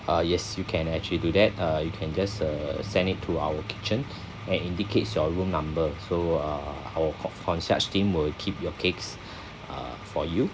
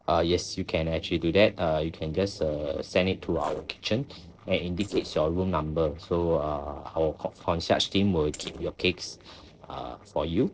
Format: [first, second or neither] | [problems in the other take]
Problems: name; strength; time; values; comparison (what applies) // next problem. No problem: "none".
first | noise reduction (neural separator model SepFormer DNS4)